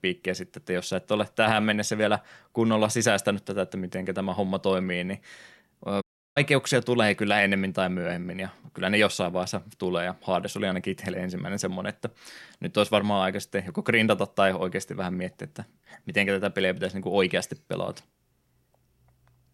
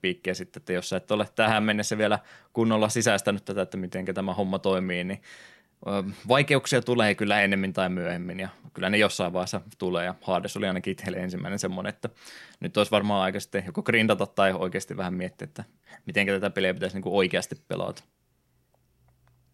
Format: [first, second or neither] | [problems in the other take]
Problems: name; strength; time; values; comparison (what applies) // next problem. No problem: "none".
second | audio cutting out; at 6 s